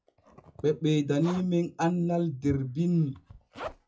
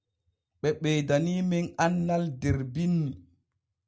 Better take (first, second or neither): second